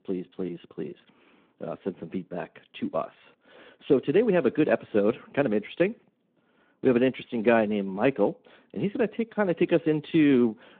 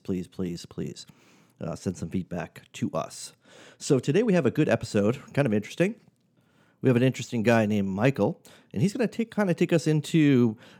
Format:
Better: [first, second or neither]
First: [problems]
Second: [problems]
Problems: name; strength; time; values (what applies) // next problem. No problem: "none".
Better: second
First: phone-call audio; nothing above 3.5 kHz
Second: none